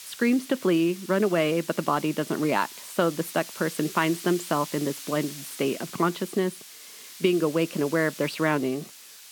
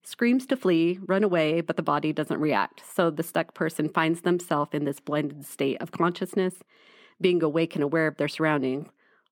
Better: second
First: hiss; noticeable; throughout; 15 dB below the speech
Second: none

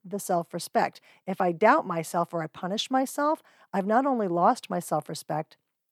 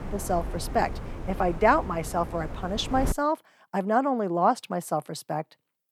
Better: first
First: none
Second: wind noise on the microphone; occasional gusts; until 3 s; 15 dB below the speech

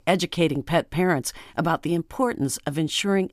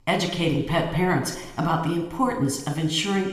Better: first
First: none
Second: room echo; slight; dies away in 1 s

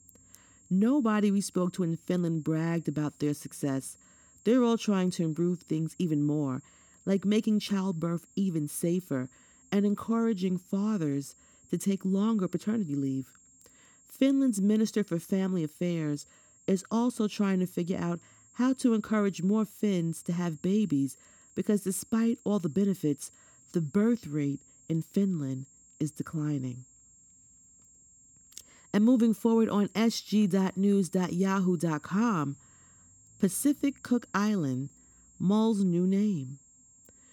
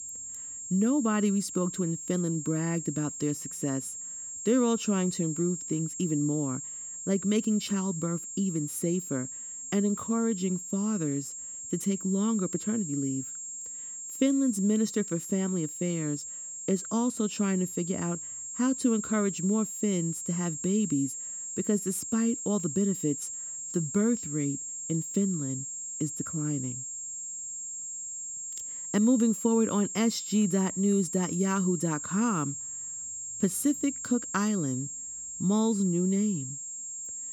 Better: first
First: high-pitched whine; faint; throughout; 7.5 kHz, 30 dB below the speech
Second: high-pitched whine; loud; throughout; 7.5 kHz, 6 dB below the speech

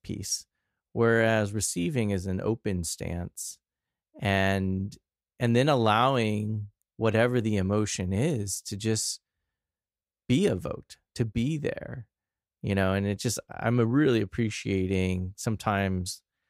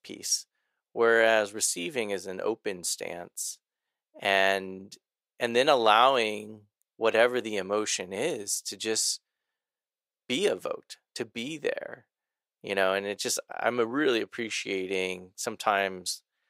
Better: first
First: none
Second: thin; very; fading below 500 Hz

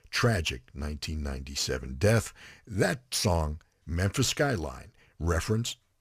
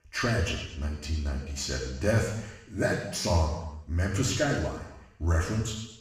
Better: first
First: none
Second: room echo; noticeable; dies away in 0.9 s // off-mic speech; far

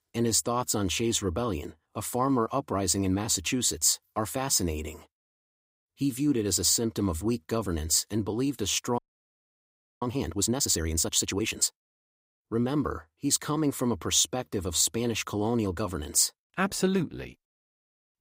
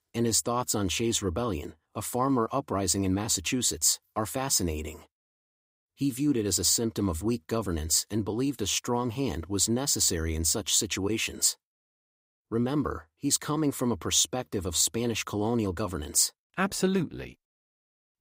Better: second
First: audio freezing; at 9 s for 1 s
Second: none

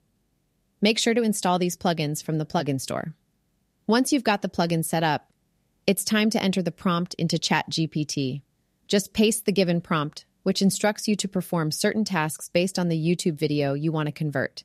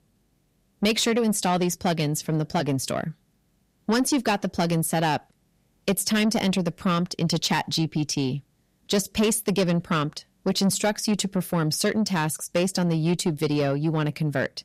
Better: first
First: none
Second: distortion; slight; 10 dB below the speech

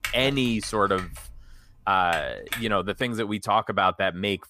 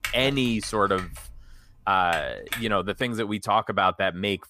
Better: neither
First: keyboard typing; noticeable; until 3 s; peak 8 dB below the speech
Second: keyboard typing; noticeable; until 3 s; peak 8 dB below the speech

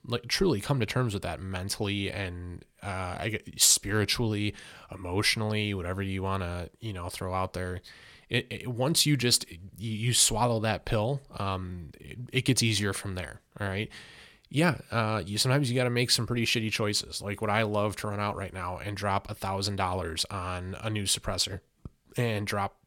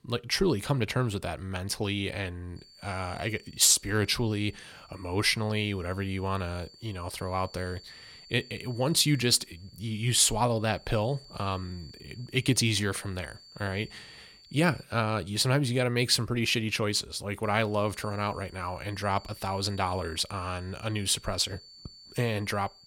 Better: first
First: none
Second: high-pitched whine; faint; from 2.5 to 15 s and from 17 s on; 4.5 kHz, 25 dB below the speech

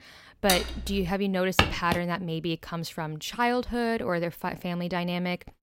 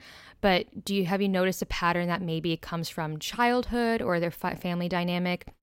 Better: second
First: clattering dishes; loud; at 0.5 s; peak 1 dB above the speech // footsteps; loud; at 1.5 s; peak 4 dB above the speech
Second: none

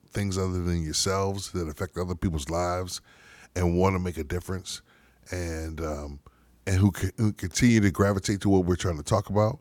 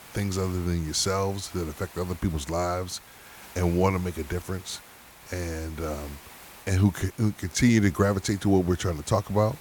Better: first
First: none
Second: hiss; noticeable; throughout; 20 dB below the speech

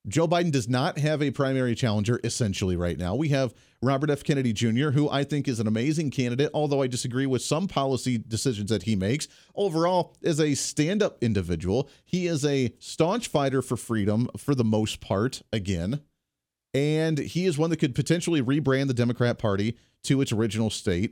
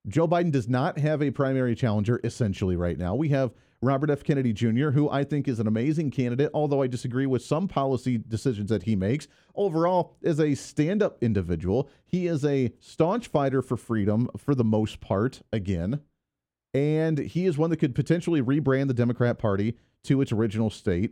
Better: first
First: none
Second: muffled; slightly; fading above 2.5 kHz

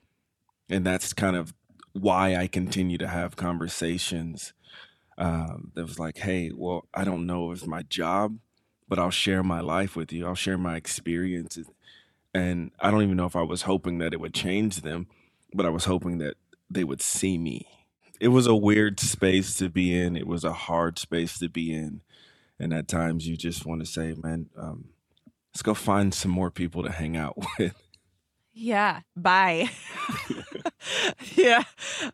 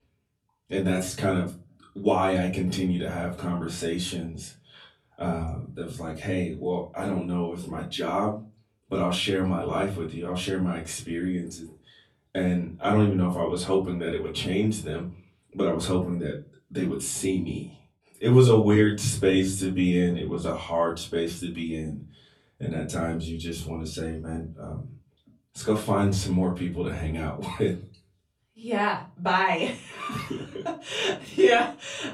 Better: first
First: none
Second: off-mic speech; far // room echo; very slight; dies away in 0.3 s

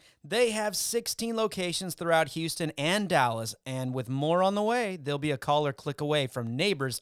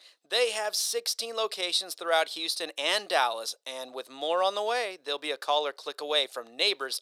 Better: first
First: none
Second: thin; very; fading below 400 Hz

